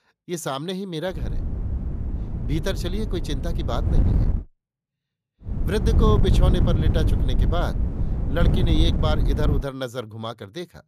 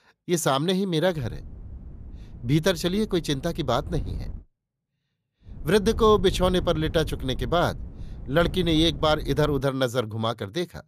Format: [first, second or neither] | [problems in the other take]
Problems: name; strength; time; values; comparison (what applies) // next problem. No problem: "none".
second | wind noise on the microphone; heavy; from 1 to 4.5 s and from 5.5 to 9.5 s; 6 dB below the speech; occasional gusts in the second